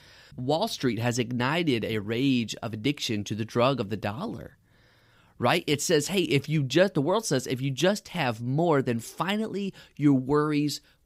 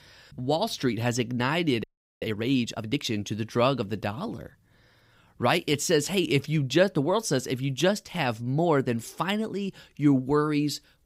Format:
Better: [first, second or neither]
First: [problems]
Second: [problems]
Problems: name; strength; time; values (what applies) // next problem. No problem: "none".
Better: first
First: none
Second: audio freezing; at 2 s